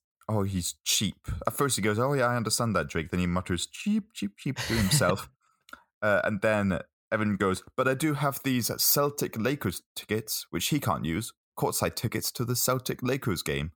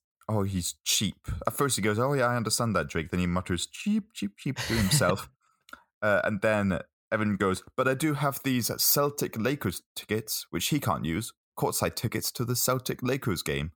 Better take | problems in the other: neither | none

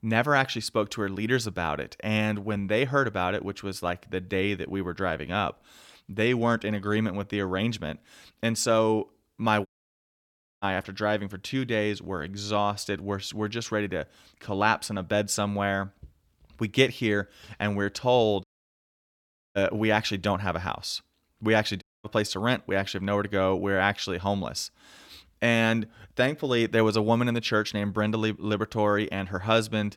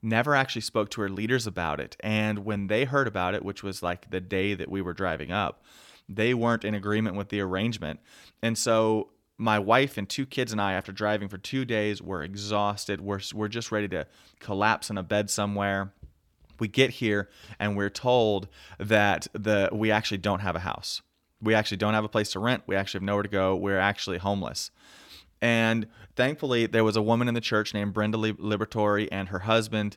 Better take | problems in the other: second | audio cutting out; at 9.5 s for 1 s, at 18 s for 1 s and at 22 s

